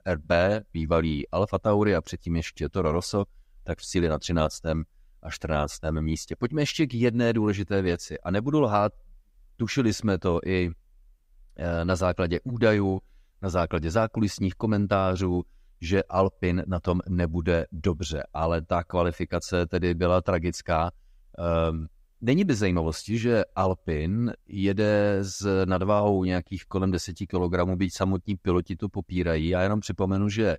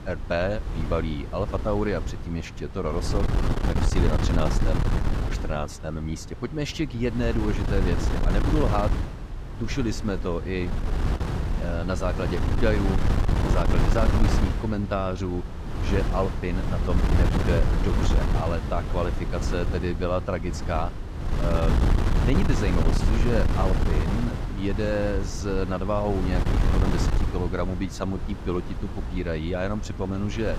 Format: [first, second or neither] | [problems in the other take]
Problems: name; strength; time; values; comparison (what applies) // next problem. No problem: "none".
first | wind noise on the microphone; heavy; 4 dB below the speech